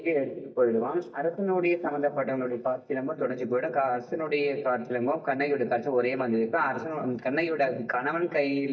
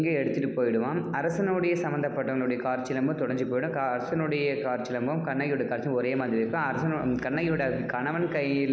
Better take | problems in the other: second | noise reduction (neural mask model DeepFilterNet 3)

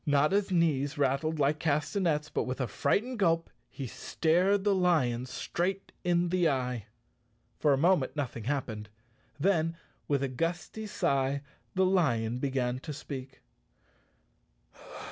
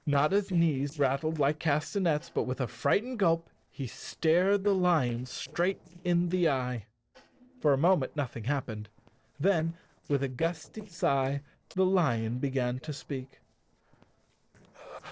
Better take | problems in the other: first | noise reduction (neural separator model SepFormer DNS4)

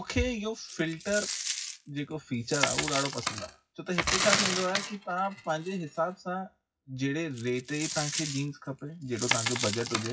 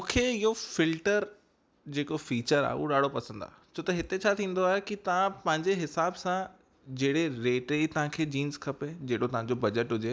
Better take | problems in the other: second | noise reduction (classical method WPE with log-MMSE)

